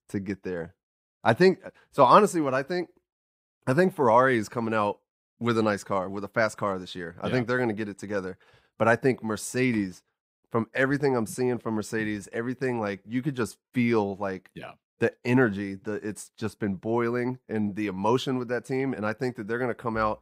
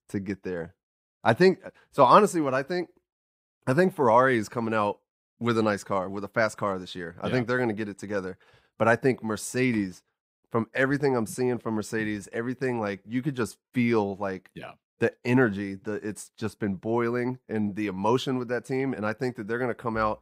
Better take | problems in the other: neither | none

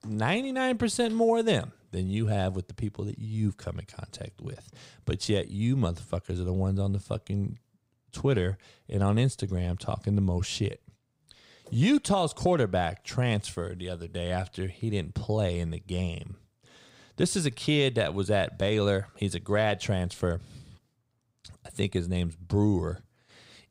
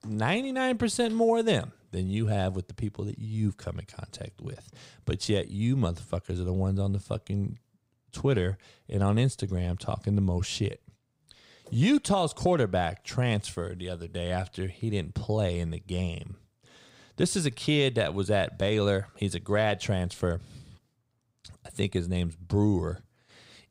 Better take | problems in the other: neither | none

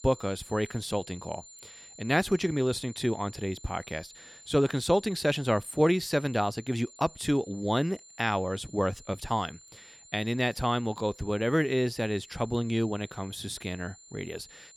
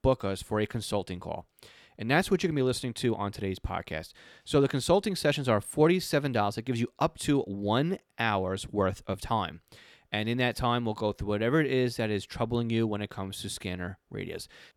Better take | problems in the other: second | high-pitched whine; noticeable; throughout; 7 kHz, 20 dB below the speech

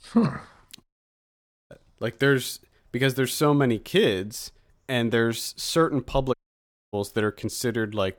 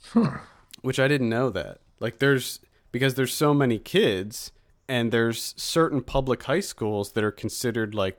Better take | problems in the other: second | audio cutting out; at 1 s for 1 s and at 6.5 s for 0.5 s

